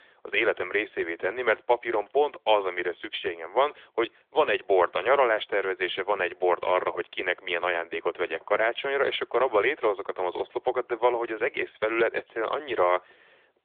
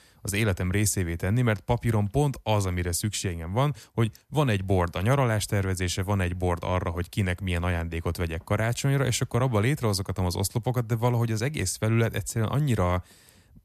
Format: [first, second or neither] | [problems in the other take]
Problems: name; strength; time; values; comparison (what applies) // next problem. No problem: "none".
second | phone-call audio; nothing above 3.5 kHz